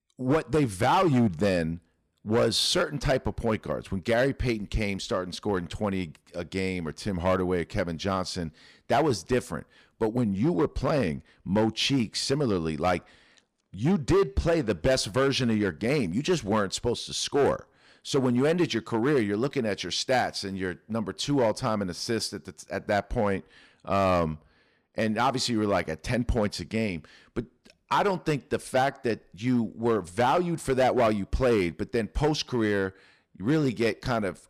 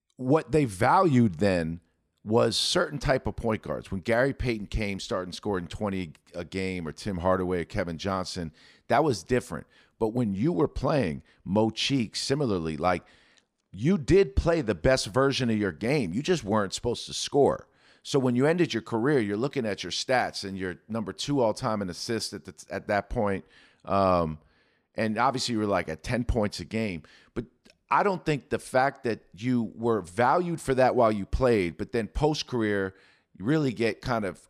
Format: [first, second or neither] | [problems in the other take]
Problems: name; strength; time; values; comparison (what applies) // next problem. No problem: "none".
second | distortion; slight; 5% of the sound clipped